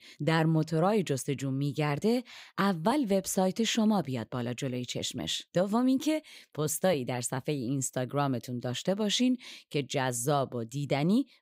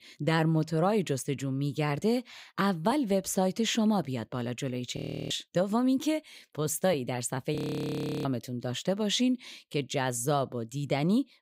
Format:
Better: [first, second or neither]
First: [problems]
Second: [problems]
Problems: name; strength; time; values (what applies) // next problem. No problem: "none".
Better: first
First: none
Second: audio freezing; at 5 s and at 7.5 s for 0.5 s